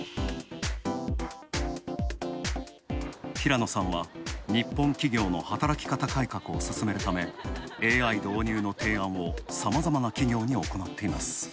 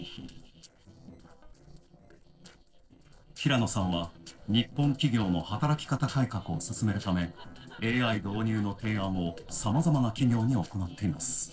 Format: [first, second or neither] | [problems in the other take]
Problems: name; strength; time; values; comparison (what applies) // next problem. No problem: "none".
first | noise reduction (neural separator model SepFormer DNS4)